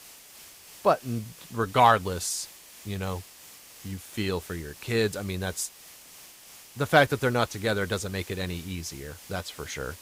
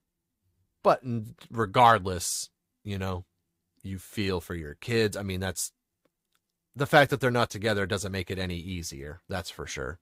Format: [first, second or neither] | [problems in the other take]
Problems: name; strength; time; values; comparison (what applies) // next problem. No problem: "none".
second | hiss; noticeable; throughout; 20 dB below the speech